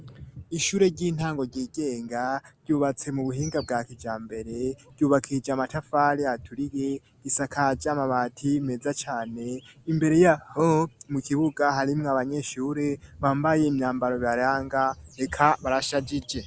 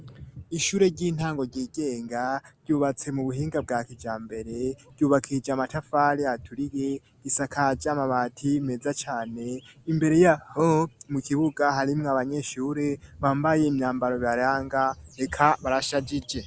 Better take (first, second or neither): second